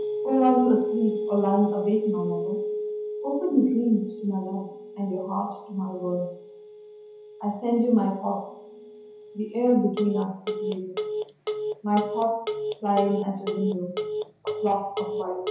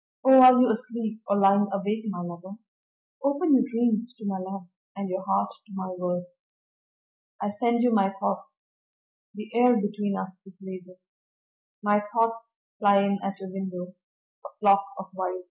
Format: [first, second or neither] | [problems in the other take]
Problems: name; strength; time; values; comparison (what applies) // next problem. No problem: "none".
second | background sound (Telephone); 5 dB below the speech // room echo; dies away in 2.2 s